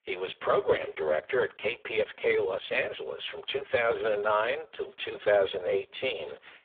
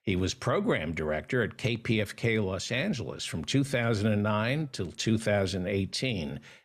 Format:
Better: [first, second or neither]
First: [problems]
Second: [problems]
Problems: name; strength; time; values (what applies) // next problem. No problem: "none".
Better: second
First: phone-call audio; poor line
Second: none